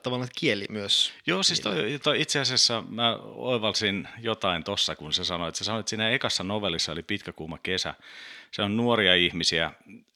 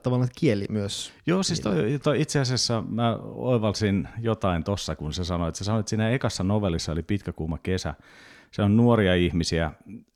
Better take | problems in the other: second | thin; very slightly; fading below 350 Hz

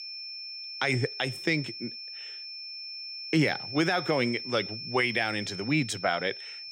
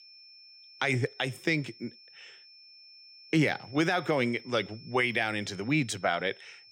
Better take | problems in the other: second | high-pitched whine; loud; throughout; 5.5 kHz, 9 dB below the speech; faint in the second

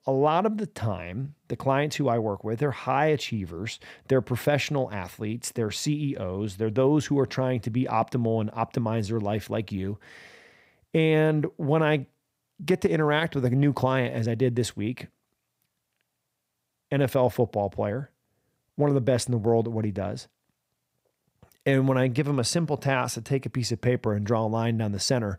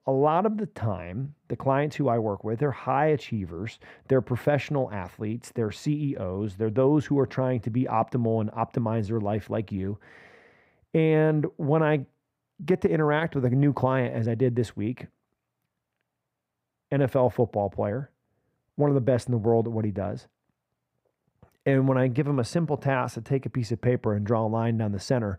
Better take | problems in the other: first | muffled; slightly; fading above 2.5 kHz

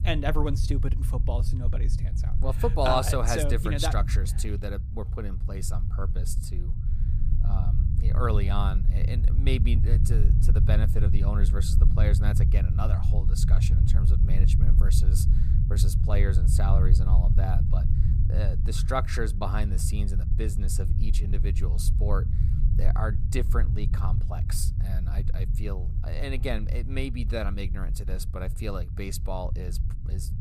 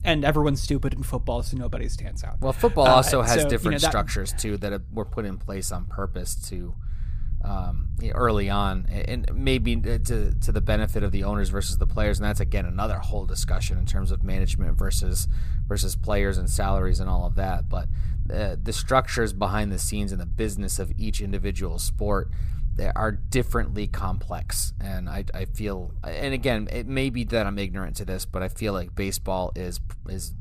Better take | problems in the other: second | low rumble; loud; throughout; 8 dB below the speech; faint in the second

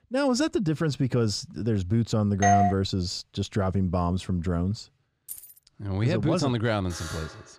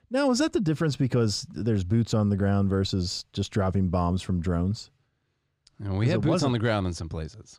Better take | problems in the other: second | doorbell; loud; at 2.5 s; peak 4 dB above the speech // jangling keys; faint; at 5.5 s; peak 15 dB below the speech // alarm; faint; at 7 s; peak 10 dB below the speech

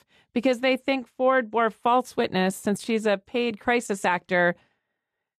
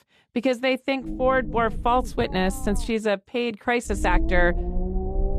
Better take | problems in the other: first | low rumble; noticeable; from 1 to 3 s and from 4 s on; 15 dB below the speech

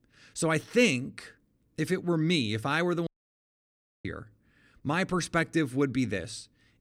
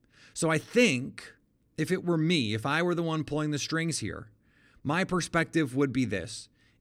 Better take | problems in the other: second | audio cutting out; at 3 s for 1 s

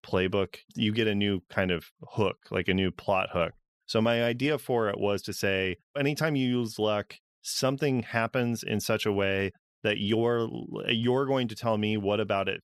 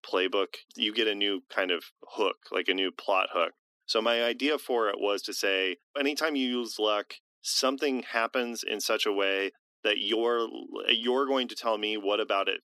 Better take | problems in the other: first | thin; very slightly; fading below 250 Hz

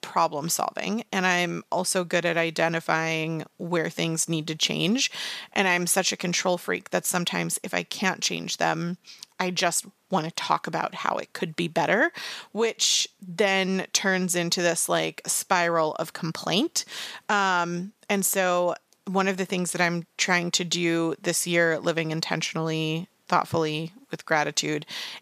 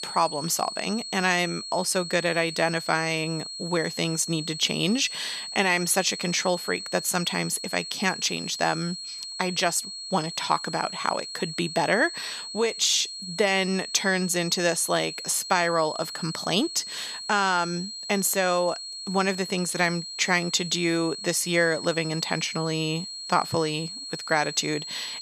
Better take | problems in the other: first | high-pitched whine; loud; throughout; 4.5 kHz, 8 dB below the speech

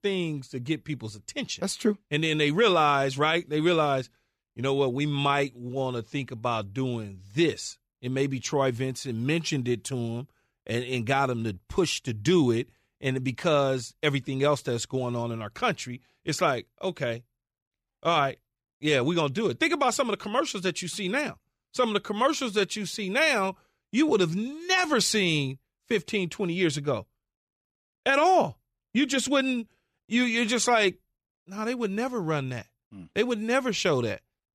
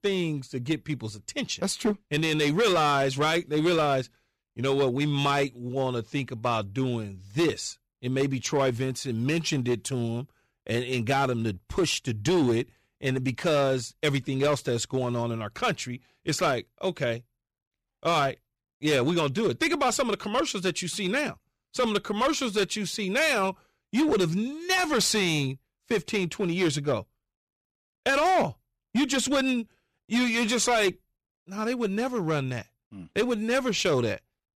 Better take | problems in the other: first | distortion; slight; 7% of the sound clipped

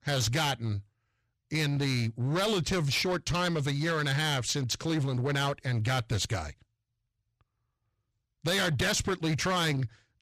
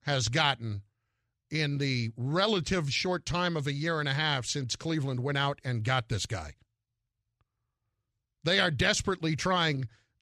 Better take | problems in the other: second | distortion; heavy; 14% of the sound clipped

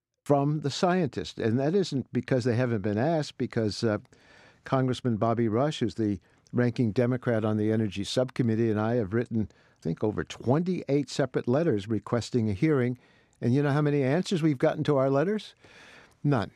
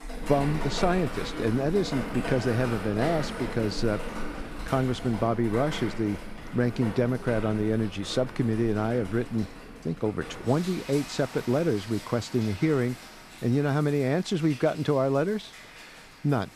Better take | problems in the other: first | rain or running water; noticeable; throughout; 10 dB below the speech

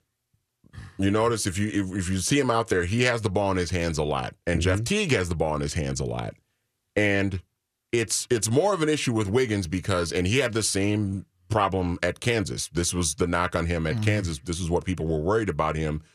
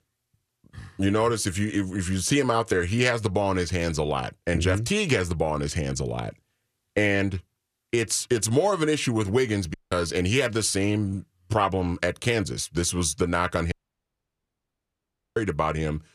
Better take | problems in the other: first | audio cutting out; at 9.5 s and at 14 s for 1.5 s

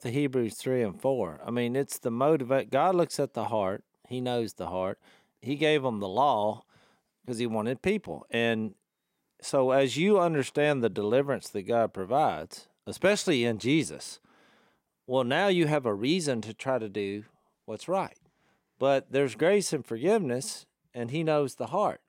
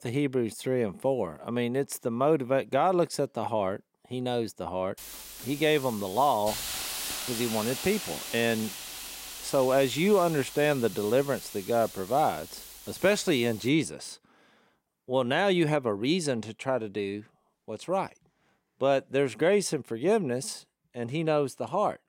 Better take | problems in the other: first | hiss; loud; from 5 to 14 s; 9 dB below the speech

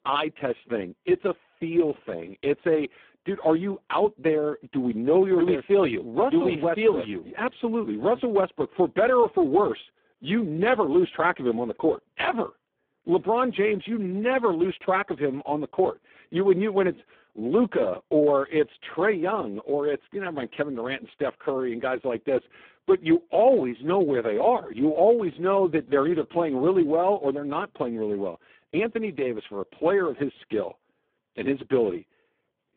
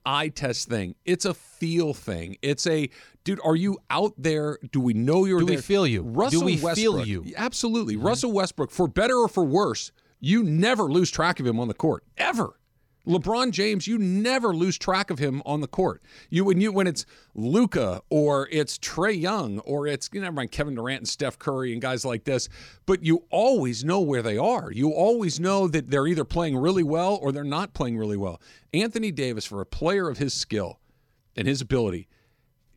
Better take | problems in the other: second | phone-call audio; poor line

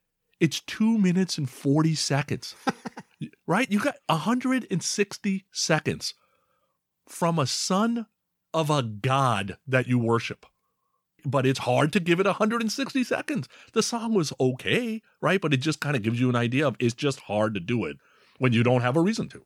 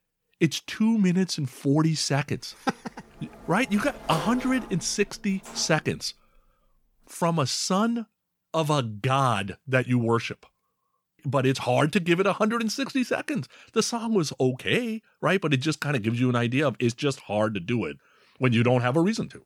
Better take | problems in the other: first | door banging; noticeable; from 3 to 5.5 s; peak 8 dB below the speech

